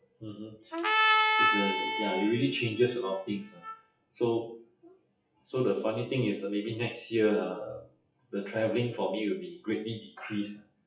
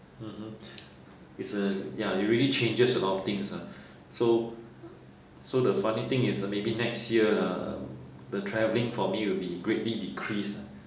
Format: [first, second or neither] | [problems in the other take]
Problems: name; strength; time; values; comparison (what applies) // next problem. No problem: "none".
second | noise reduction (classical method WPE with log-MMSE)